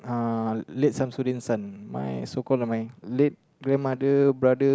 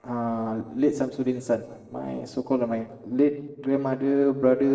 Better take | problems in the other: first | noise reduction (neural separator model SepFormer DNS4)

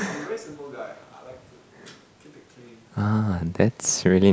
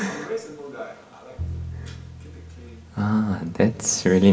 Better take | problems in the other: first | background sound (Bowed string instrument); 13 dB below the speech // room echo; dies away in 2.1 s

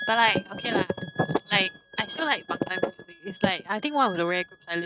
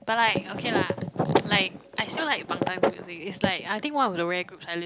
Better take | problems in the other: second | noise reduction (neural mask model RNNoise)

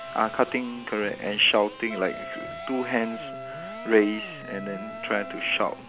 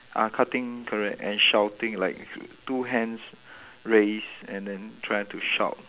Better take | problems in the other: second | background sound (Wind instrument, woodwind instrument + Electric guitar); 12 dB below the speech

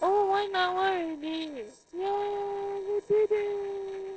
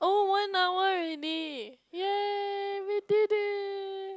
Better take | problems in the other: second | noise reduction (neural separator model SepFormer DNS4)

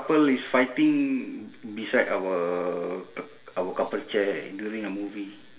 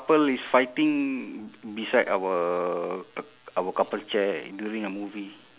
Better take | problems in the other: second | room echo; dies away in 0.7 s

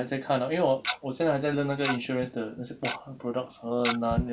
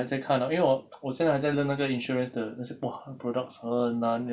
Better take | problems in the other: second | background sound (Tick-tock); 8 dB below the speech

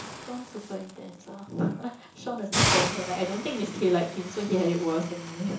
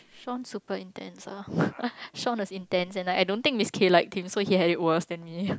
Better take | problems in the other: second | background sound (Hiss); 3 dB below the speech // room echo; dies away in 0.7 s

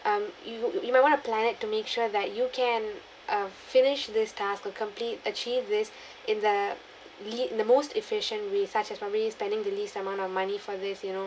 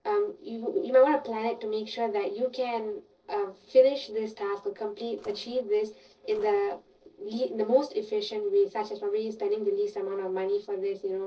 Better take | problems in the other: first | noise reduction (neural separator model SepFormer DNS4)

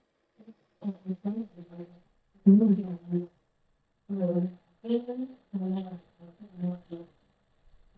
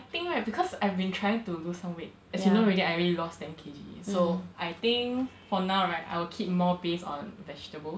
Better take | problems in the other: second | noise reduction (neural mask model DeepFilterNet 3)

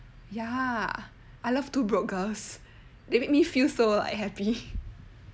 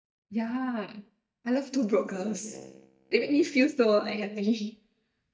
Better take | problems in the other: first | noise reduction (neural mask model DeepFilterNet 3)

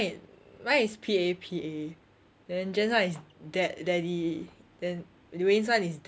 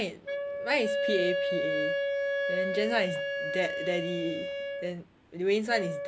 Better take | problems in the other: first | background sound (Wind instrument, woodwind instrument); as loud as the speech

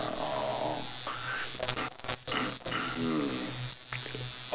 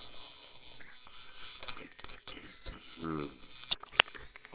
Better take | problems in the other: first | noise reduction (neural separator model SepFormer WHAMR!)

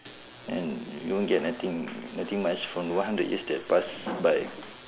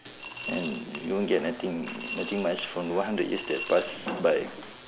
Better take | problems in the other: first | background sound (Coin (dropping) / Glass); 12 dB below the speech

